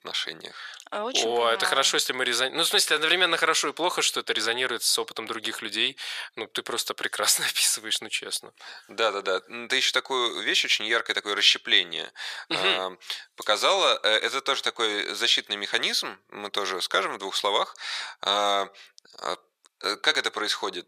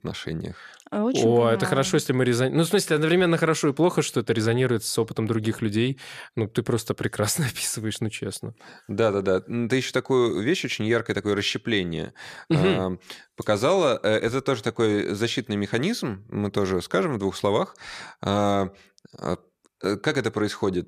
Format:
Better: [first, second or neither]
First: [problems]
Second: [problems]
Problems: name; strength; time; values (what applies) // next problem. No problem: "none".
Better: second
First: thin; very; fading below 800 Hz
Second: none